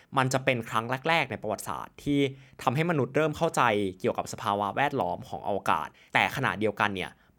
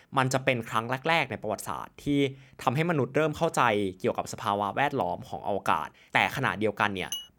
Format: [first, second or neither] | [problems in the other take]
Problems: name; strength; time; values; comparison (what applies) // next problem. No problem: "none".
first | clattering dishes; noticeable; at 7 s; peak 8 dB below the speech